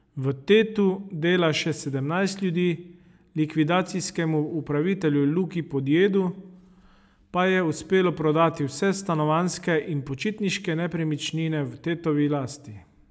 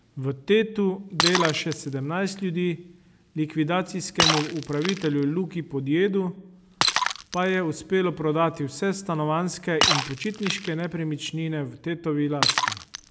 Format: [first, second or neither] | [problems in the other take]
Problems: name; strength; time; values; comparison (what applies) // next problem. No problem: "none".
first | background sound (Shatter); 4 dB below the speech